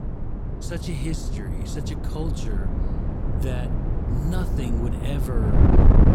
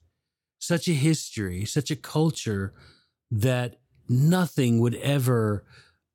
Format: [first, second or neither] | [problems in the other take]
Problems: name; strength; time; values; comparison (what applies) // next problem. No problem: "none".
second | wind noise on the microphone; heavy; 3 dB above the speech